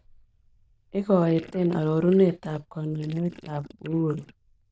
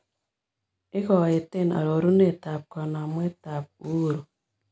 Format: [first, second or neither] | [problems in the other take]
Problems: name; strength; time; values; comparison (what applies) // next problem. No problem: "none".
second | noise reduction (neural diffusion model UNIVERSE++)